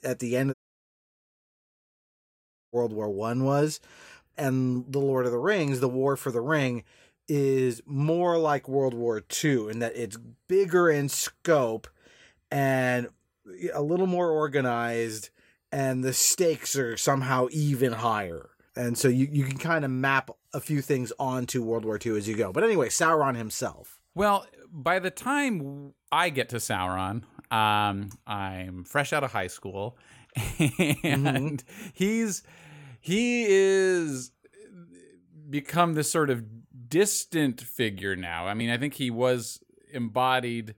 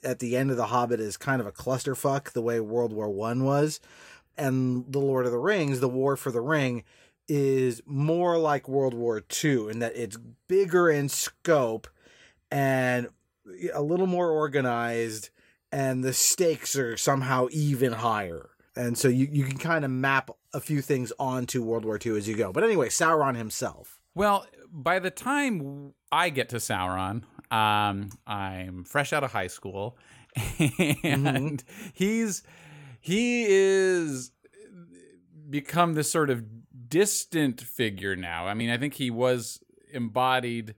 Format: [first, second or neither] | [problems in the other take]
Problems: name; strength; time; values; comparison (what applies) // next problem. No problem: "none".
second | audio cutting out; at 0.5 s for 2 s